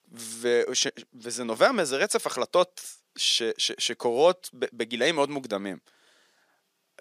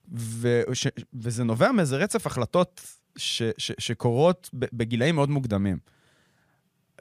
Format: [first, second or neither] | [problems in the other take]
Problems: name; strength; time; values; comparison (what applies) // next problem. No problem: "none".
second | thin; somewhat; fading below 300 Hz